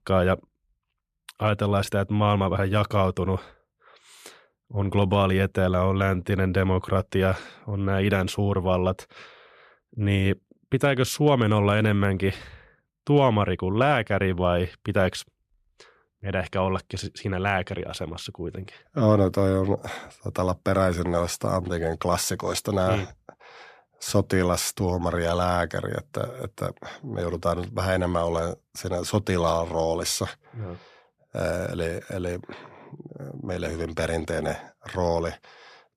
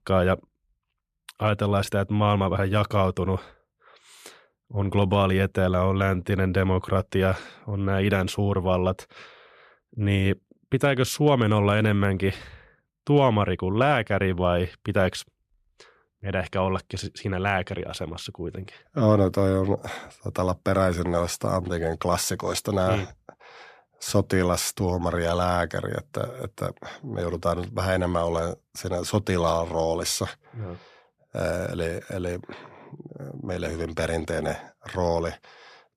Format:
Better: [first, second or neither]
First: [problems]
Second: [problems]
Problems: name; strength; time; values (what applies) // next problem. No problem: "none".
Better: neither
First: none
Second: none